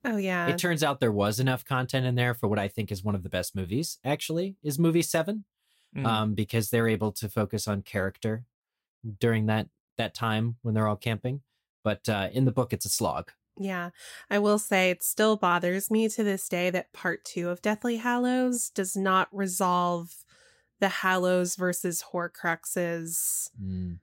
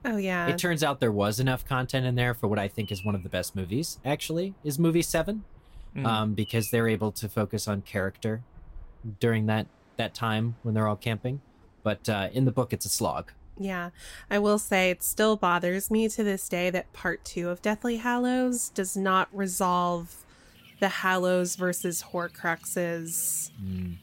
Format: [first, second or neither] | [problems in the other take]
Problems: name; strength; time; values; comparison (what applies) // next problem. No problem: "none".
first | animal sounds; faint; throughout; 25 dB below the speech